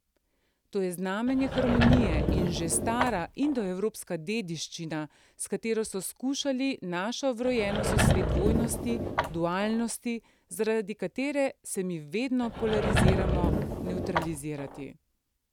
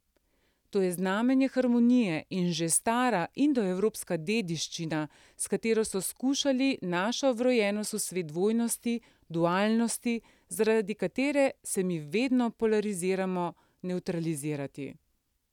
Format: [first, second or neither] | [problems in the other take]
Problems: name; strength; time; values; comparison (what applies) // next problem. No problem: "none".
second | background sound (Sliding door / Wood); 2 dB above the speech